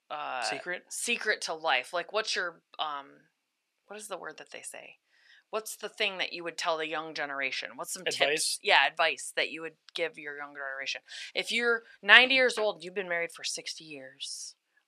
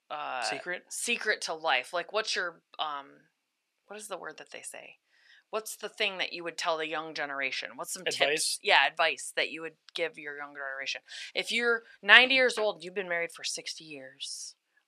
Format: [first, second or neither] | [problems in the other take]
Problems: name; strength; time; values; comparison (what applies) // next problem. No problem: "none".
neither | thin; very; fading below 550 Hz; the same in both